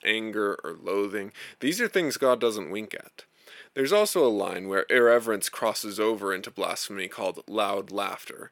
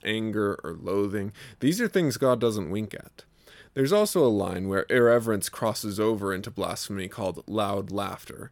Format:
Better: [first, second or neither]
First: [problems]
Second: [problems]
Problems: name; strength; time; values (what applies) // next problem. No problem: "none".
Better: second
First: thin; somewhat; fading below 350 Hz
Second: none